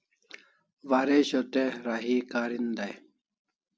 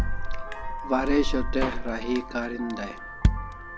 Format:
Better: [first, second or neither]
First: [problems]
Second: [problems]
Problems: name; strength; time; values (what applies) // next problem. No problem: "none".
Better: first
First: none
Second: background sound (Vehicle horn, car horn, honking + Drum kit); 2 dB above the speech